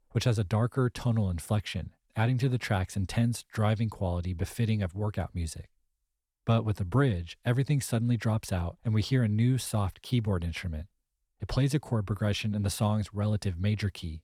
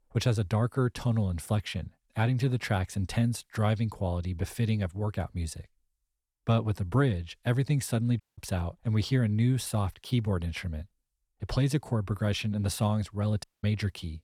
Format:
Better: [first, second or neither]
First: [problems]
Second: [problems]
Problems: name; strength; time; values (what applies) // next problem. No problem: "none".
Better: first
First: none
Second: audio cutting out; at 8 s and at 13 s